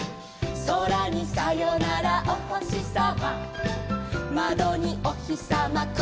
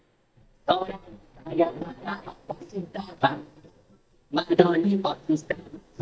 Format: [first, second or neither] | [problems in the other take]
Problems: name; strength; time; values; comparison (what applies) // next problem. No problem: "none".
first | noise reduction (neural mask model DeepFilterNet 3)